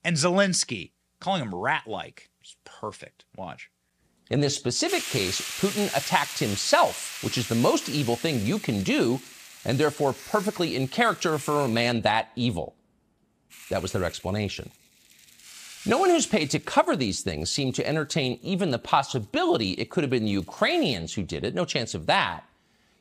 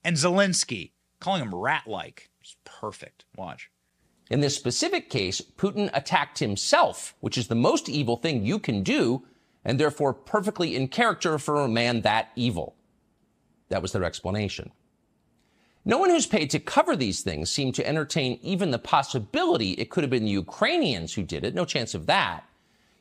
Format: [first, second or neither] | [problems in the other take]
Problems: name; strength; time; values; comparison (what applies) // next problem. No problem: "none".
second | hiss; noticeable; from 5 to 12 s and from 14 to 21 s; 10 dB below the speech